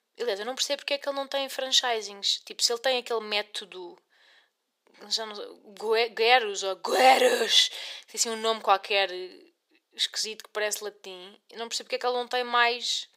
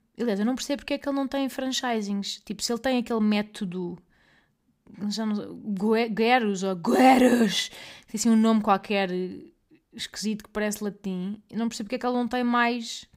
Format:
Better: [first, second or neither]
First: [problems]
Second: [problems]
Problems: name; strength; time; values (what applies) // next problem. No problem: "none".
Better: second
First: thin; very; fading below 450 Hz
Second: none